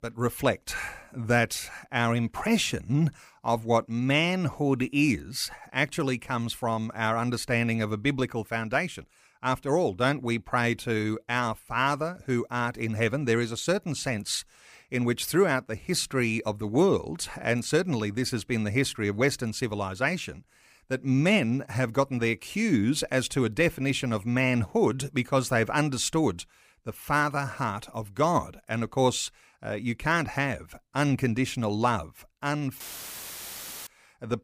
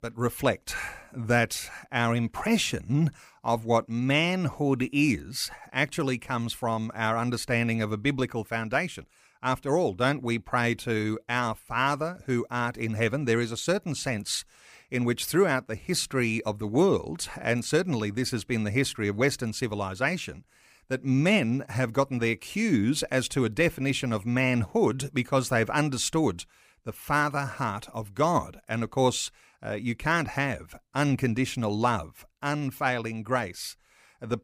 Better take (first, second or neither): second